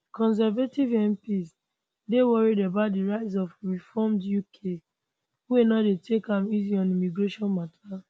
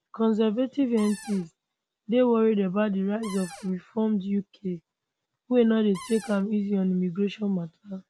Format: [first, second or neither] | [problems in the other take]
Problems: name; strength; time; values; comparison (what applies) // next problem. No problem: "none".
first | background sound (Cupboard open or close); 17 dB below the speech